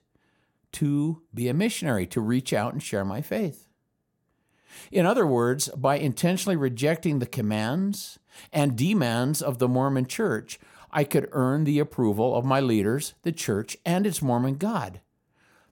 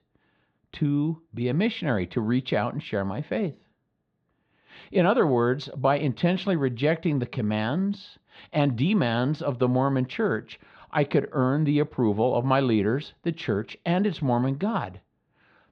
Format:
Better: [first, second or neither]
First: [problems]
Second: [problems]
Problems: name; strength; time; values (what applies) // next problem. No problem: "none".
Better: first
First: none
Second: muffled; slightly; fading above 4 kHz